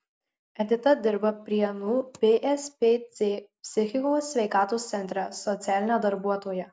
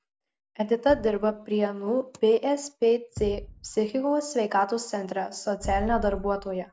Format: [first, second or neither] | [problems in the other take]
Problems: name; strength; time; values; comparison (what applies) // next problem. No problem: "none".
first | background sound (Thump, thud); 15 dB below the speech